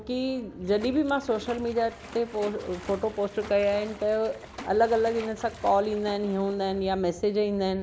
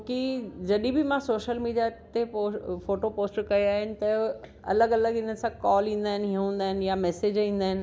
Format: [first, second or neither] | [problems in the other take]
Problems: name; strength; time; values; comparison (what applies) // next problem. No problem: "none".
second | background sound (Splash, splatter); 18 dB below the speech